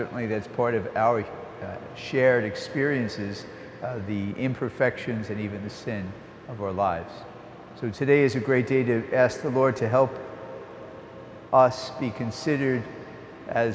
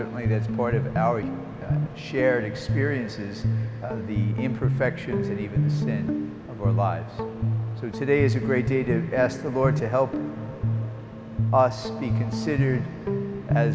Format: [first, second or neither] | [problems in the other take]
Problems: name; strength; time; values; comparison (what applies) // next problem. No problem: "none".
first | background sound (Guitar); 1 dB above the speech